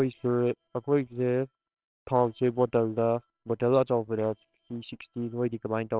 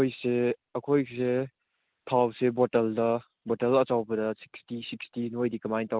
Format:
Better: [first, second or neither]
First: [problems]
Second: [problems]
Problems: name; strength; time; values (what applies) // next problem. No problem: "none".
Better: second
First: noise reduction (neural separator model SepFormer WHAMR!)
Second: none